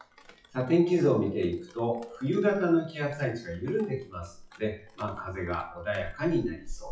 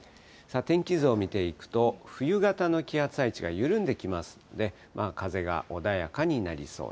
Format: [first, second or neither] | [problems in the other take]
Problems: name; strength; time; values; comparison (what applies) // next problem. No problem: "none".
second | noise reduction (classical method WPE with log-MMSE)